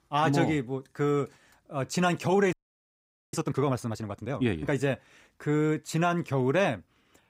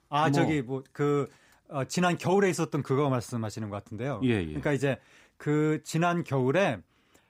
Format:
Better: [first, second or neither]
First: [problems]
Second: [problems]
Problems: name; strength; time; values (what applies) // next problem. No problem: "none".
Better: second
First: audio freezing; at 2.5 s for 1 s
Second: none